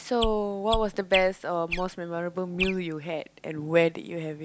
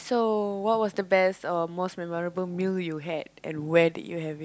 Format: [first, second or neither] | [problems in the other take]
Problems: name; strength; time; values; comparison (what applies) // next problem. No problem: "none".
second | background sound (Chirp, tweet); 7 dB below the speech